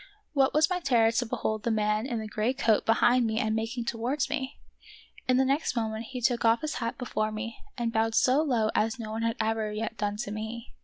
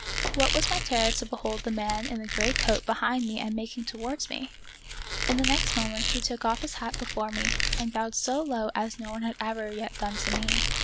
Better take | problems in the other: first | background sound (Squeak); 1 dB below the speech

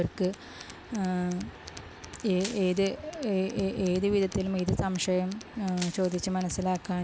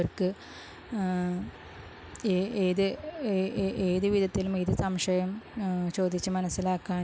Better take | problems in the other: second | background sound (Tools + Crushing); 18 dB below the speech

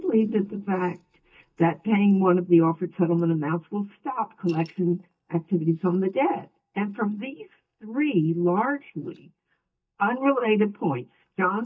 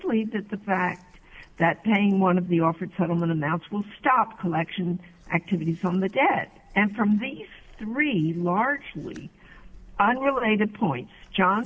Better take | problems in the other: second | noise reduction (neural mask model DeepFilterNet 3)

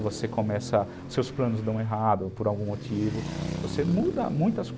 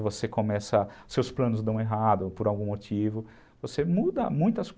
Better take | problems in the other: second | background sound (Traffic noise, roadway noise); 8 dB below the speech

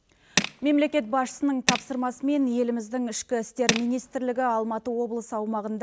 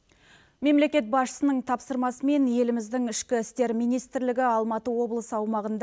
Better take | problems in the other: second | background sound (Tools); 6 dB below the speech

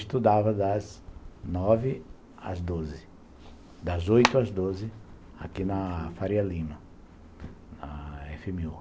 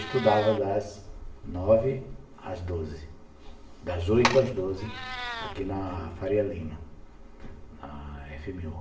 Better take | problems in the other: first | background sound (Meow); 15 dB below the speech // room echo; dies away in 0.7 s

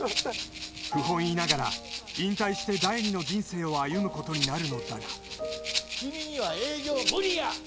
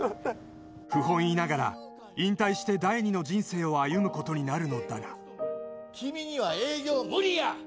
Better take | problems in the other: second | background sound (Rattle (instrument)); 5 dB below the speech

